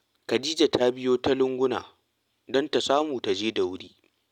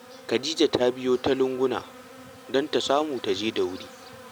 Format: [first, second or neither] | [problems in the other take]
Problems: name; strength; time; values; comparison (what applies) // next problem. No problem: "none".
first | background sound (Insect); 19 dB below the speech